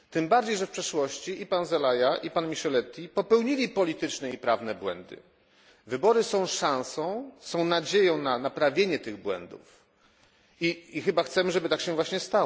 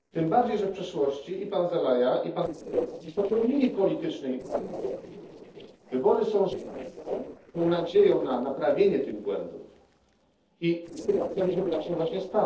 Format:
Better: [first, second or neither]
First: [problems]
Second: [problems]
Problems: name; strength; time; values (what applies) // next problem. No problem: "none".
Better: first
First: none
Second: noise reduction (neural separator model SepFormer DNS4)